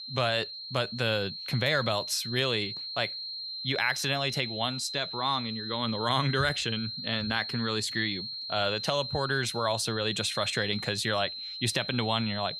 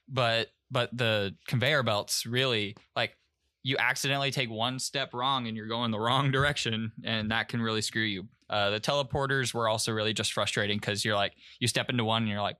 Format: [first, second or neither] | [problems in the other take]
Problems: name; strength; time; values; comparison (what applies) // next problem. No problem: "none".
second | high-pitched whine; loud; throughout; 4 kHz, 6 dB below the speech